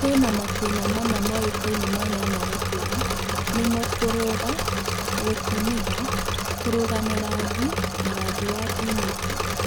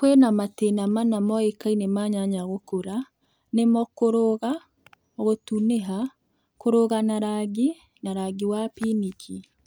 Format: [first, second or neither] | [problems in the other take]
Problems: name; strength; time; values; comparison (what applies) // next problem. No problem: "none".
second | background sound (Engine / Mechanisms); 2 dB above the speech